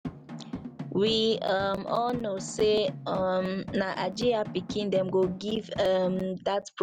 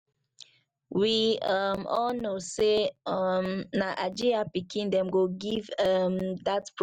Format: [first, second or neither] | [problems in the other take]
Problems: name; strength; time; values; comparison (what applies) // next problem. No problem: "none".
second | background sound (Drum); 12 dB below the speech